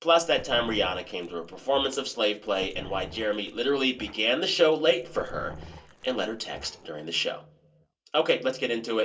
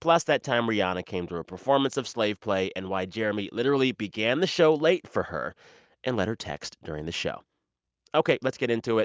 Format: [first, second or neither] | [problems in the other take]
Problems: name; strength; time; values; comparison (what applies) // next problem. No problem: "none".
second | background sound (Growling); 17 dB below the speech // room echo; dies away in 0.2 s